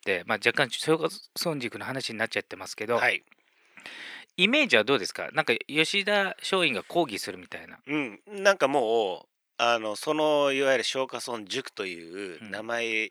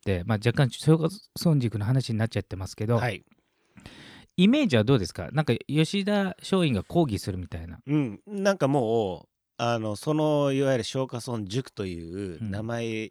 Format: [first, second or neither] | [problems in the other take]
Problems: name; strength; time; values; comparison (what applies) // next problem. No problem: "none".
second | thin; somewhat; fading below 450 Hz